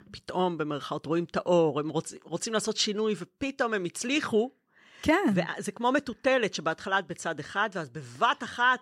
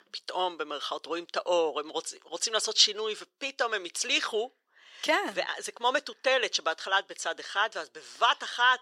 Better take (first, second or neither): first